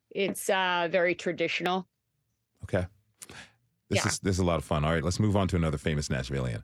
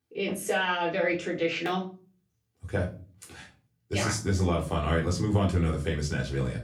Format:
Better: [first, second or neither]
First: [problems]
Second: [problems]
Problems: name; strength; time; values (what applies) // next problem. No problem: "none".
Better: first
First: none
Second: off-mic speech; far // room echo; slight; dies away in 0.3 s